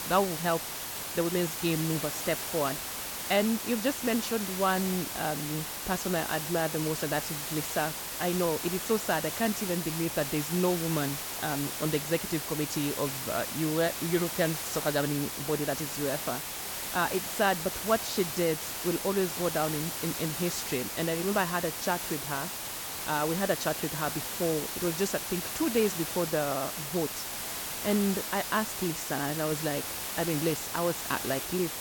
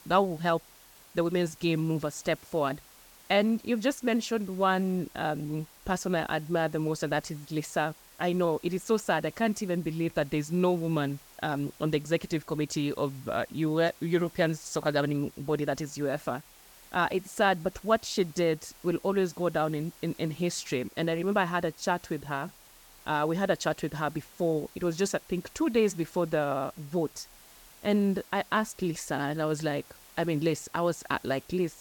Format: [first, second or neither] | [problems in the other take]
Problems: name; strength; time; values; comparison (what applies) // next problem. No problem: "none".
second | hiss; loud; throughout; 3 dB below the speech; faint in the second